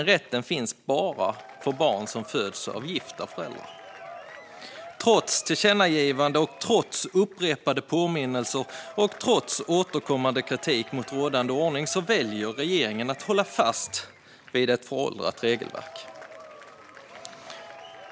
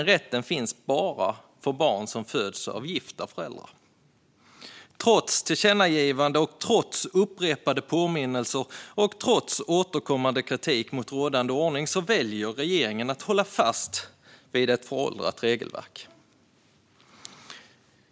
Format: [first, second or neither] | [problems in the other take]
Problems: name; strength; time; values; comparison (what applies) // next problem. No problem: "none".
second | background sound (Applause / Crowd / Cheering); 19 dB below the speech